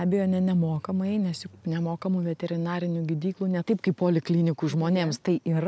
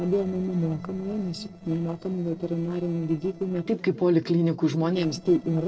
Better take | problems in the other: first | noise reduction (neural separator model SepFormer DNS4)

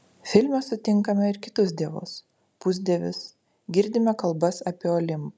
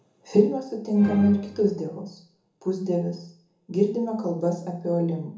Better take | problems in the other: first | background sound (Musical instrument); 14 dB below the speech // room echo; dies away in 0.7 s

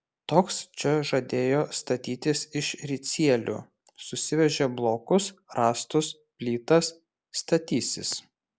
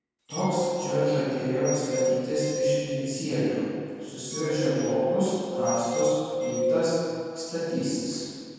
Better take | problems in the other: first | background sound (Glass); 1 dB below the speech // room echo; dies away in 2.1 s

